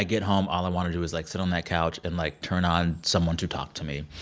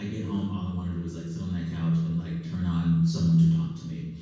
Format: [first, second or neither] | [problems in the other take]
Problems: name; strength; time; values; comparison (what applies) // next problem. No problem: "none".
first | room echo; dies away in 1.2 s